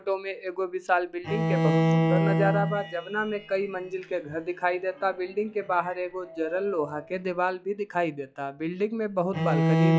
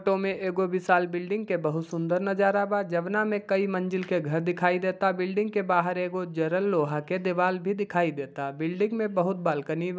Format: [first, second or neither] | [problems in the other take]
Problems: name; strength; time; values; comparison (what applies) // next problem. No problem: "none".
second | noise reduction (classical method log-MMSE)